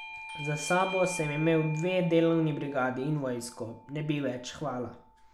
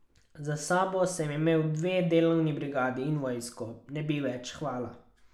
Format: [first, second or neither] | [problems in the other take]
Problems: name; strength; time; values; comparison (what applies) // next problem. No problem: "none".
second | background sound (Bell / Doorbell); 13 dB below the speech